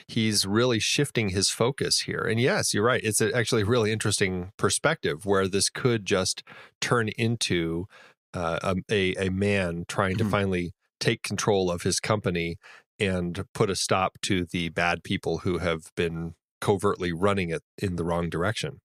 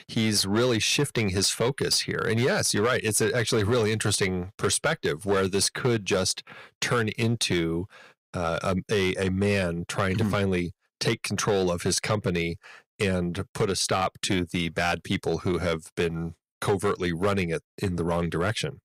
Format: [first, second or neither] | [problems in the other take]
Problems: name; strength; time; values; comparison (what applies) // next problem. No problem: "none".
first | distortion; slight; 5% of the sound clipped